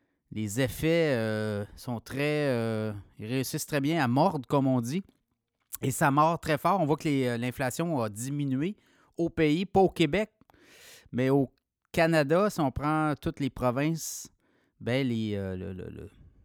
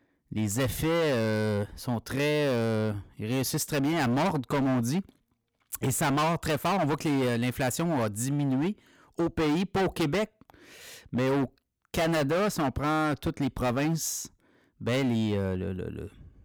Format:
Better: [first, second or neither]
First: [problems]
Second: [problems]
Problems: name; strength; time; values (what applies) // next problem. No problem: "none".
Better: first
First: none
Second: distortion; heavy; 19% of the sound clipped